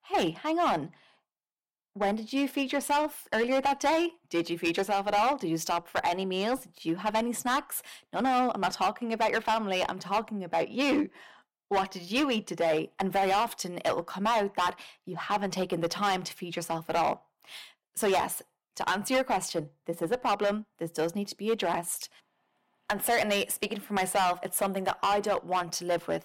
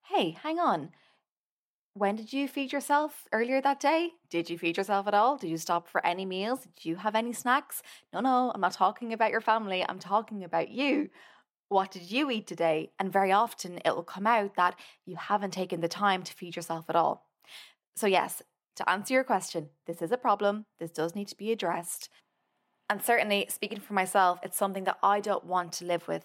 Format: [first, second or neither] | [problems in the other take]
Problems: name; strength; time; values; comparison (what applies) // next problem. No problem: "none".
second | distortion; heavy; 7% of the sound clipped